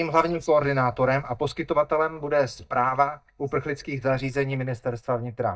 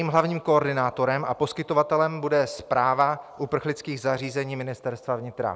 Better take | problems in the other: second | noise reduction (neural mask model DeepFilterNet 3)

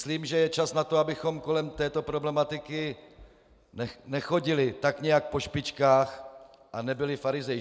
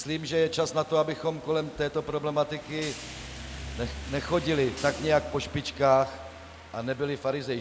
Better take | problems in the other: first | background sound (Rain + Hi-hat); 13 dB below the speech

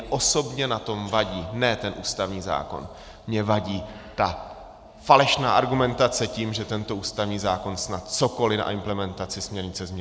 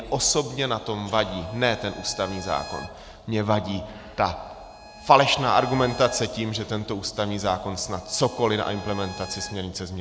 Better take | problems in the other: first | background sound (Bowed string instrument); 19 dB below the speech

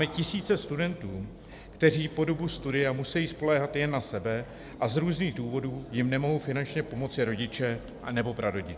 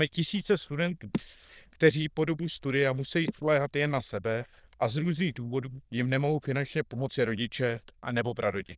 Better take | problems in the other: first | noise reduction (neural diffusion model UNIVERSE++)

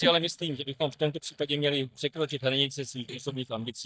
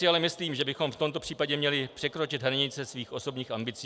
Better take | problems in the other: second | noise reduction (neural mask model DeepFilterNet 3)

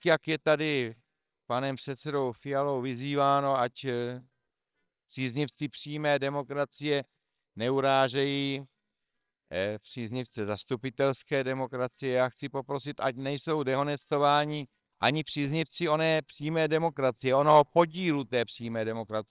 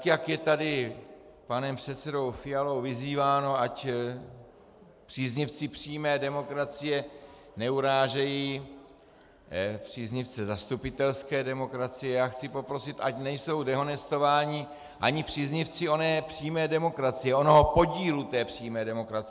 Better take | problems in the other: second | noise reduction (neural separator model SepFormer WHAMR!)

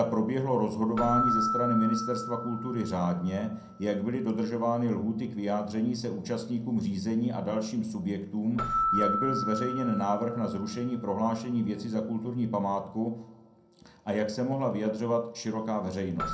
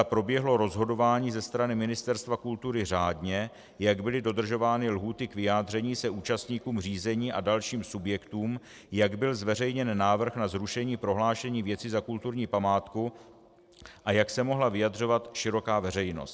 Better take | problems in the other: second | background sound (Keyboard (musical)); 7 dB below the speech // room echo; dies away in 0.6 s

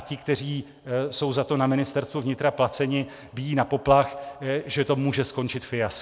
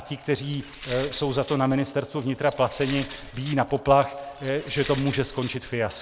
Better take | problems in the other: first | background sound (Glass); 16 dB below the speech

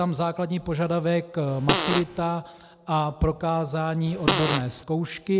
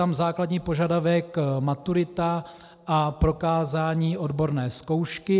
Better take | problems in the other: second | background sound (Fart); 1 dB below the speech

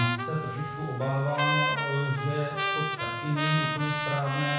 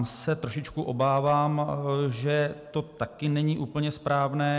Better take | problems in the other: second | background sound (Trumpet); 1 dB below the speech // room echo; dies away in 1 s

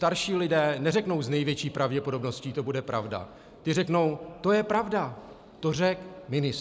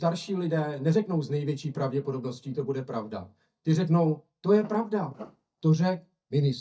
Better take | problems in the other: first | noise reduction (neural mask model DeepFilterNet 3)

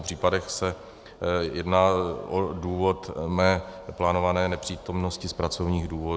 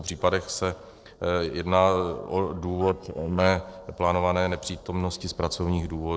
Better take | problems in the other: first | noise reduction (neural separator model SepFormer DNS4)

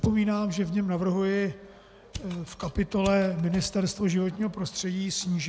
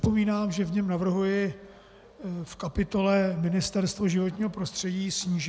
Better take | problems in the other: second | background sound (Mechanisms); 16 dB below the speech

